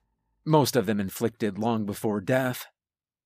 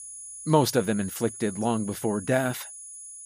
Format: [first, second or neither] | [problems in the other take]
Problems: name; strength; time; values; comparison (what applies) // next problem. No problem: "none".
first | high-pitched whine; noticeable; throughout; 10 kHz, 10 dB below the speech